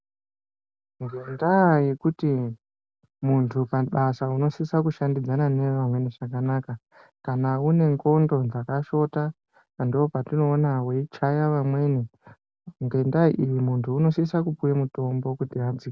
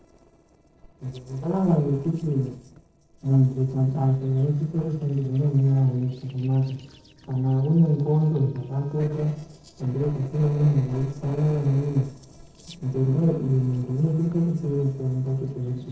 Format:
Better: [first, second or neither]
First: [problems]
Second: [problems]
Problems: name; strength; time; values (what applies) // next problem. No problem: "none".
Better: first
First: none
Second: noise reduction (neural separator model SepFormer DNS4)